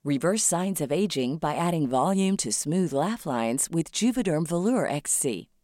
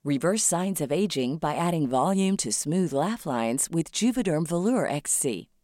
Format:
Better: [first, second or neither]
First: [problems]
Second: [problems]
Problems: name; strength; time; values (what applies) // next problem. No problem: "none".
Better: neither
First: none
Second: none